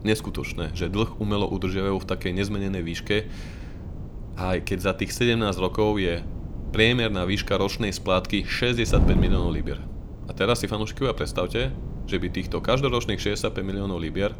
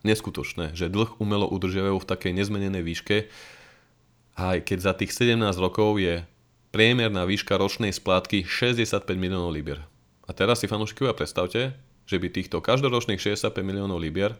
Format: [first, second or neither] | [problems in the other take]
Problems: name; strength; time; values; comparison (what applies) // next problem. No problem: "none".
second | wind noise on the microphone; occasional gusts; 15 dB below the speech